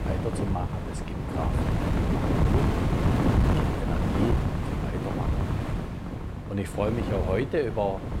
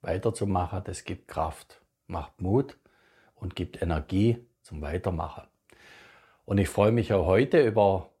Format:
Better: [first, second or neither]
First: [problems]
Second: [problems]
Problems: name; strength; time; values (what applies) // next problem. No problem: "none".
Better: second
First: wind noise on the microphone; heavy; as loud as the speech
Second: none